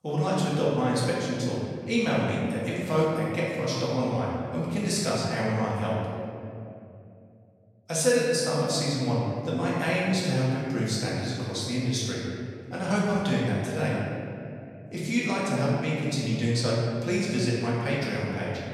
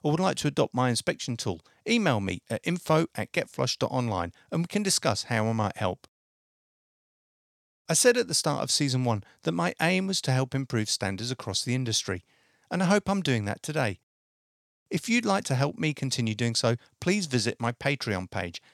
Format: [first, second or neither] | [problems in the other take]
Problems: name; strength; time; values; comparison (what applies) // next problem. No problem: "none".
second | room echo; strong; dies away in 2.6 s // off-mic speech; far